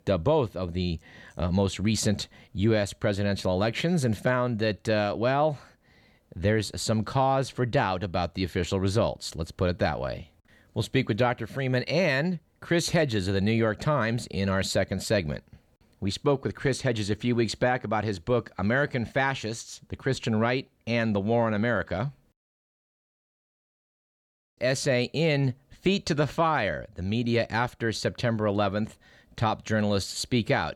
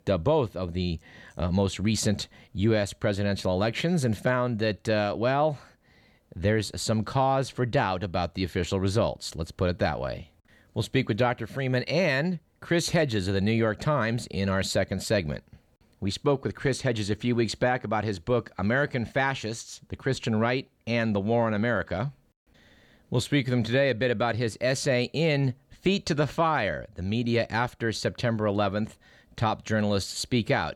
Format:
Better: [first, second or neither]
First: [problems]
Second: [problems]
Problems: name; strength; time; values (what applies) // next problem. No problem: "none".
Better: second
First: audio cutting out; at 22 s for 2 s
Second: none